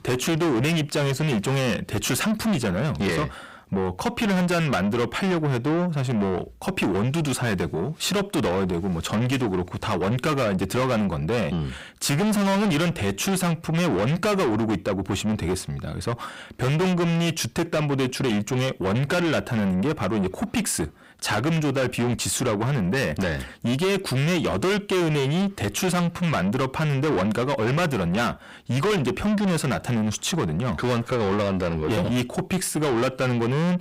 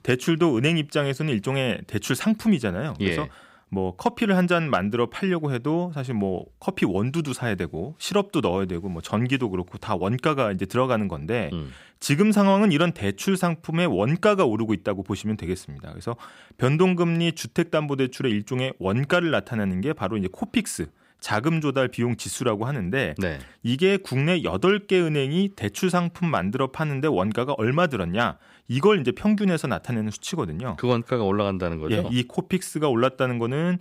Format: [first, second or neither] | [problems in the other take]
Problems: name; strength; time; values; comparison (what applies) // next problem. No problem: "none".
second | distortion; heavy; 5 dB below the speech